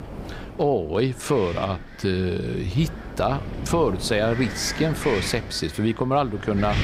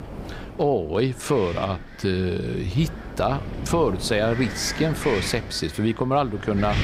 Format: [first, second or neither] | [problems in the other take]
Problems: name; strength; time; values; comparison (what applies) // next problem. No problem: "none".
neither | wind noise on the microphone; heavy; 10 dB below the speech; the same in both